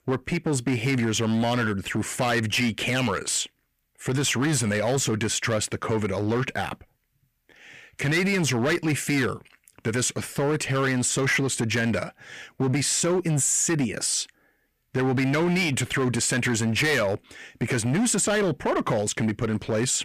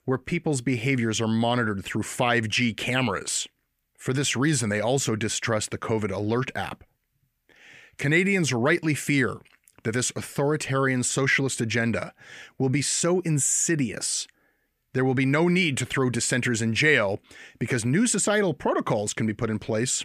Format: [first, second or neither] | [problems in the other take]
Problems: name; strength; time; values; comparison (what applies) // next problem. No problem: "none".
second | distortion; slight; 14% of the sound clipped